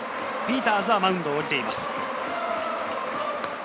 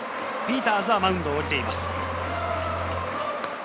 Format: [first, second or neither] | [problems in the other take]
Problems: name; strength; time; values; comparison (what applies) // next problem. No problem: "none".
first | background sound (Bowed string instrument); 9 dB below the speech